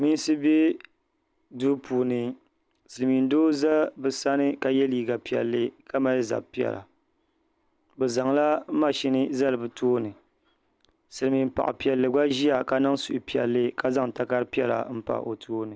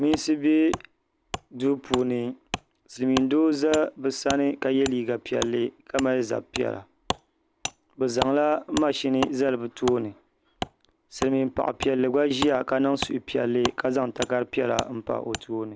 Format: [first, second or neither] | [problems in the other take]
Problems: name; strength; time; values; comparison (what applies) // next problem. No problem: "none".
first | background sound (Wood); 11 dB below the speech